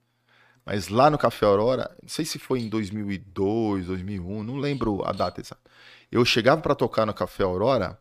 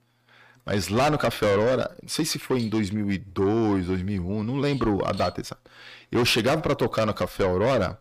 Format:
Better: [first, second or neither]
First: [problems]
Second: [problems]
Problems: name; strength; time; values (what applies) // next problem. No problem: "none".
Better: first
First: none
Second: distortion; heavy; 7 dB below the speech